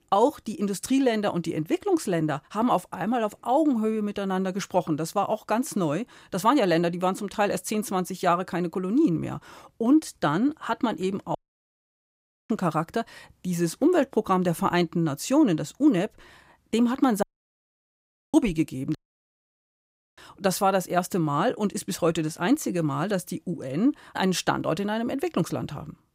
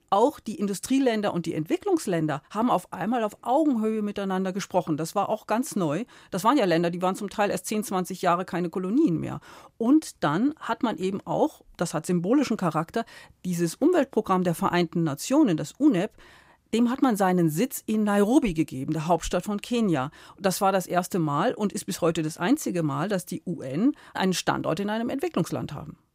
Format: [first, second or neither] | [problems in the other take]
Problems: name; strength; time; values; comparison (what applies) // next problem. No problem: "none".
second | audio cutting out; at 11 s for 1 s, at 17 s for 1 s and at 19 s for 1 s